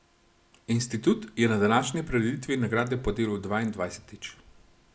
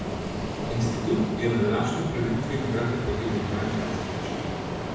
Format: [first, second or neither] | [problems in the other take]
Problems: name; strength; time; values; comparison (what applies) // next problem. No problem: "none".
first | background sound (Ocean); 2 dB below the speech // room echo; dies away in 1.1 s